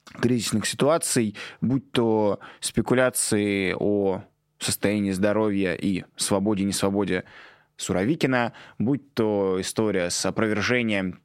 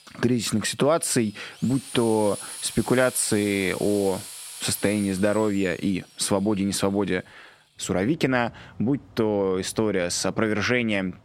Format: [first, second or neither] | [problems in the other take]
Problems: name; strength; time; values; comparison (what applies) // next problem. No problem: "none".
first | machinery noise; noticeable; throughout; 15 dB below the speech